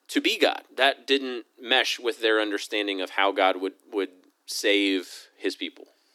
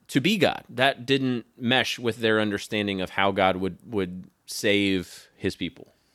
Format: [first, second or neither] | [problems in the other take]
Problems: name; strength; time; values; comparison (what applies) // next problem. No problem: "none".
second | thin; very slightly; fading below 300 Hz